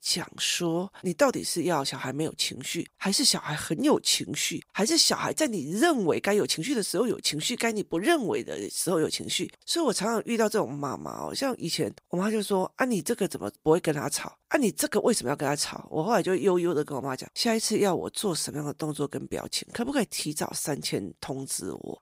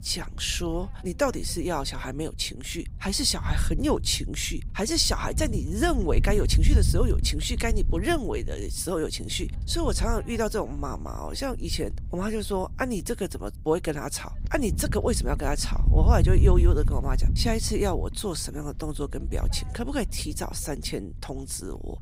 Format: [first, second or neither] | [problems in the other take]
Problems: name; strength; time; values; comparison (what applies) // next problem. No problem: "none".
first | wind noise on the microphone; occasional gusts; 15 dB below the speech